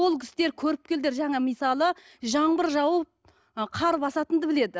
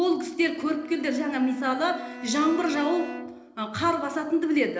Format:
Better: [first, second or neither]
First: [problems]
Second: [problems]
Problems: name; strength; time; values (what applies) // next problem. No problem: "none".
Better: first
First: none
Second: background sound (Bowed string instrument); 17 dB below the speech // room echo; dies away in 1 s